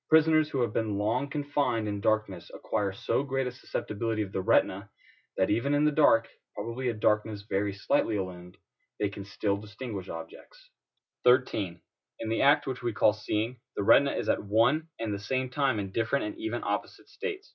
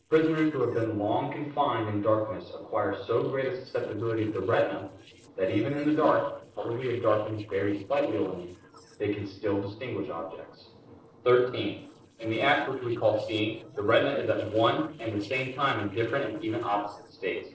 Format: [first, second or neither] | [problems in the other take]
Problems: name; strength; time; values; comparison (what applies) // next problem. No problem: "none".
first | noise reduction (neural separator model SepFormer DNS4)